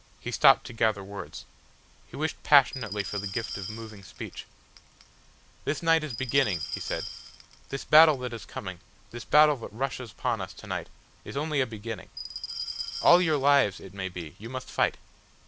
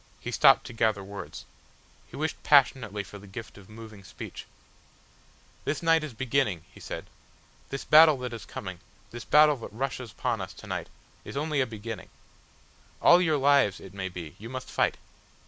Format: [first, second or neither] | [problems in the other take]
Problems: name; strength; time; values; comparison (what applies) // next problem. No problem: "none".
second | background sound (Glass); 11 dB below the speech